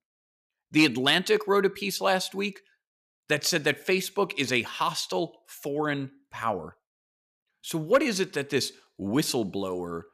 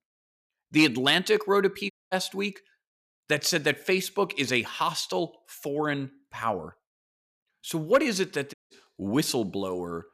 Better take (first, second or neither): first